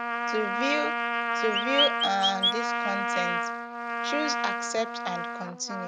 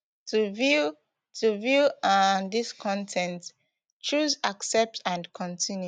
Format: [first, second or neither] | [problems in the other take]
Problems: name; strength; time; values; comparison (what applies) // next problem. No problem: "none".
second | background sound (Trumpet + Chirp, tweet); 3 dB above the speech